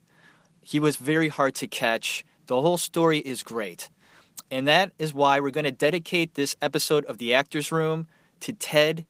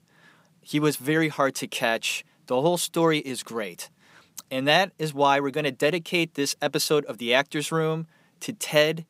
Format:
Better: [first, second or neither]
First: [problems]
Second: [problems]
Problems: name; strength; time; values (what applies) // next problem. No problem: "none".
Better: second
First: garbled, watery; slightly; nothing above 15.5 kHz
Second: none